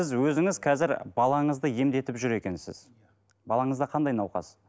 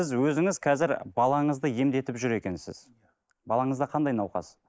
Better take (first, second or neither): first